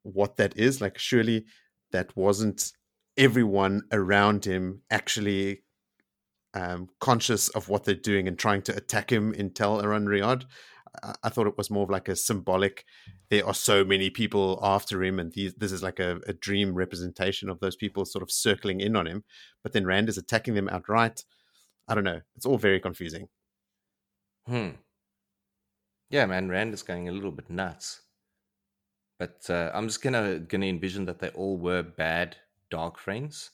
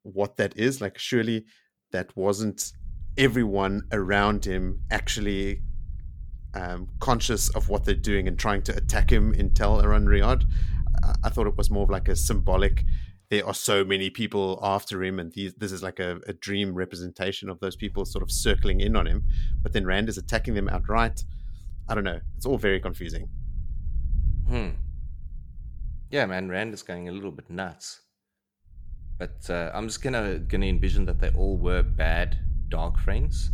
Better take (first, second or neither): first